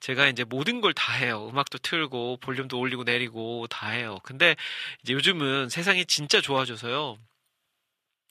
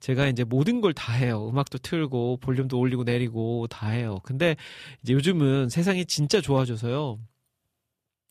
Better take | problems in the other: second | thin; somewhat; fading below 500 Hz

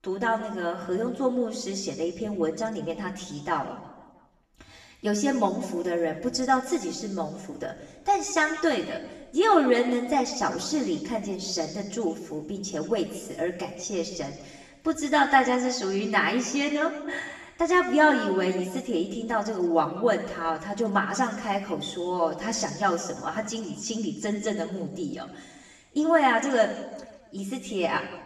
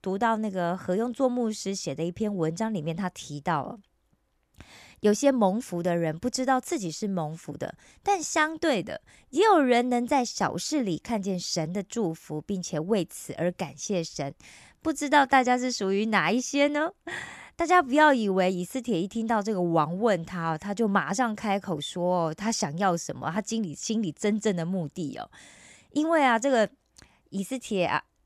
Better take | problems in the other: second | room echo; slight; dies away in 1.1 s // off-mic speech; far

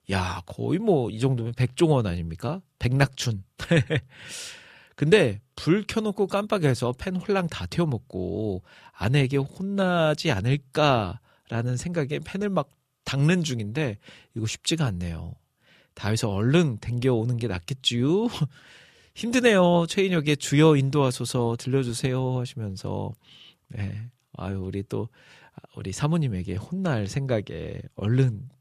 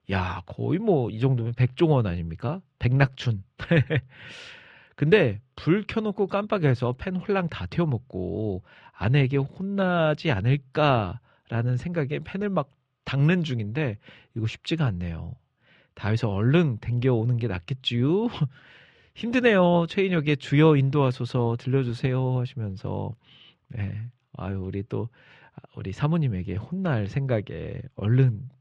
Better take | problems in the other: first | muffled; slightly; fading above 2.5 kHz

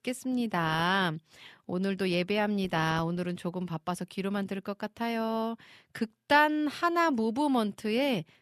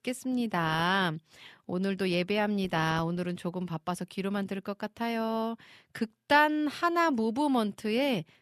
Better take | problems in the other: neither | none

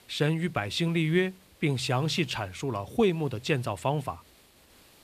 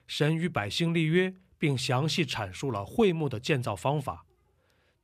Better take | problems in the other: second | hiss; faint; throughout; 30 dB below the speech

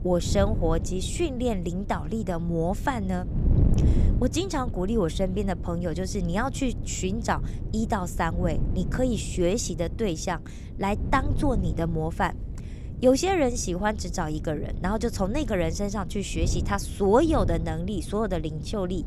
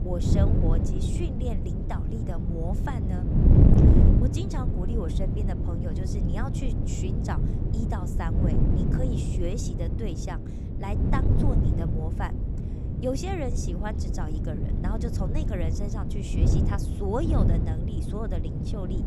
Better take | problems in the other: first | wind noise on the microphone; heavy; 1 dB above the speech; occasional gusts in the first

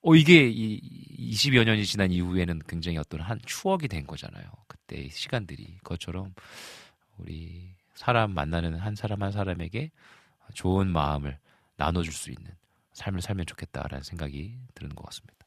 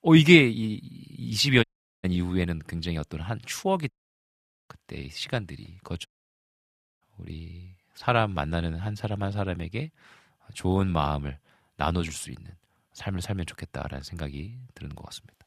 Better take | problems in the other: first | audio cutting out; at 1.5 s, at 4 s for 1 s and at 6 s for 1 s

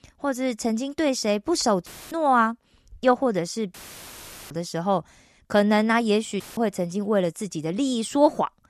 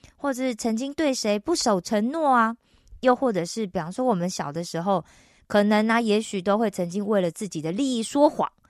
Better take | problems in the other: second | audio cutting out; filled with static; at 2 s, at 3.5 s for 1 s and at 6.5 s

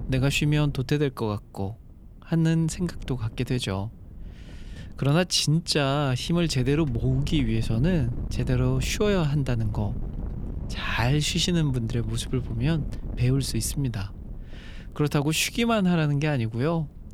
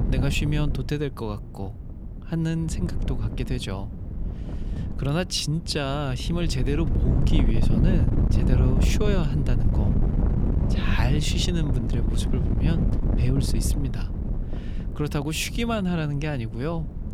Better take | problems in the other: first | wind noise on the microphone; heavy; 6 dB below the speech; occasional gusts in the first

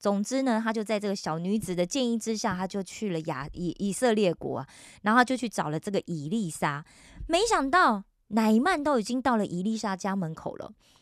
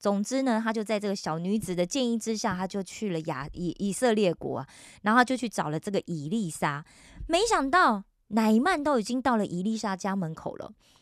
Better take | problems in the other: neither | none

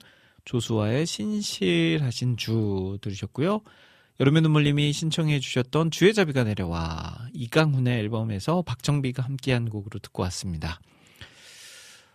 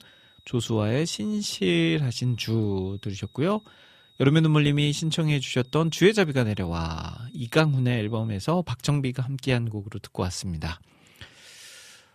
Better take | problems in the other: first | high-pitched whine; faint; until 8.5 s; 4 kHz, 30 dB below the speech

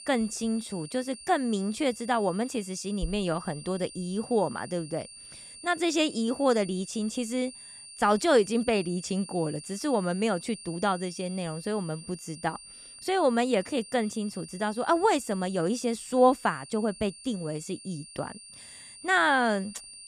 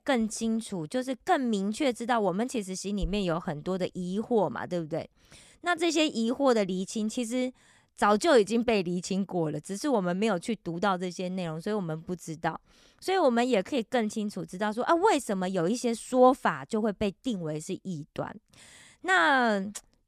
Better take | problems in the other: second | high-pitched whine; noticeable; throughout; 9 kHz, 15 dB below the speech

